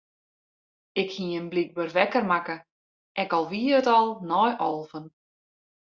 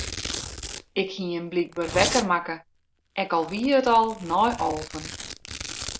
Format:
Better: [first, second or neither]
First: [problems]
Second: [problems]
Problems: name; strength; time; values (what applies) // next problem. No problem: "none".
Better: first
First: none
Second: background sound (Domestic sounds, home sounds); 9 dB below the speech